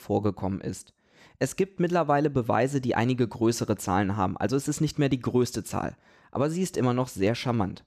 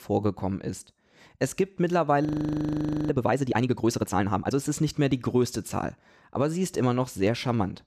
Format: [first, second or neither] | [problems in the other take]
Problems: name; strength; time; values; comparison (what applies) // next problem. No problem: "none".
first | audio freezing; at 2.5 s for 1 s